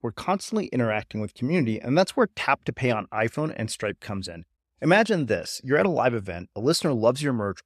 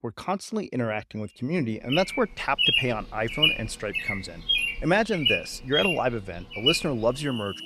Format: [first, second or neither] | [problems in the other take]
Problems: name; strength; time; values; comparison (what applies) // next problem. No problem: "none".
first | animal sounds; very loud; from 2 s on; 2 dB above the speech